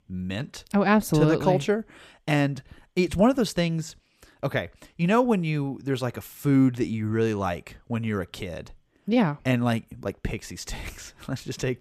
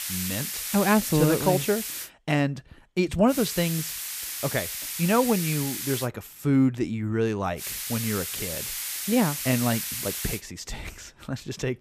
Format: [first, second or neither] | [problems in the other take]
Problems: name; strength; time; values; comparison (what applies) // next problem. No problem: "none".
first | hiss; loud; until 2 s, from 3.5 to 6 s and from 7.5 to 10 s; 4 dB below the speech